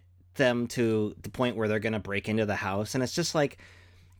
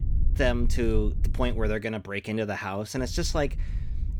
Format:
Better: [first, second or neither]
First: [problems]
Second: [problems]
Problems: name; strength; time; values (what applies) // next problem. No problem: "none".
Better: first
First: none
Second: low rumble; noticeable; until 1.5 s and from 3 s on; 20 dB below the speech